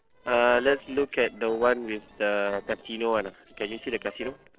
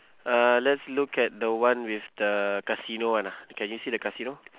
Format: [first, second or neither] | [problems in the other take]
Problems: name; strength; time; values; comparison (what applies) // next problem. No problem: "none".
second | noise reduction (neural separator model SepFormer DNS4)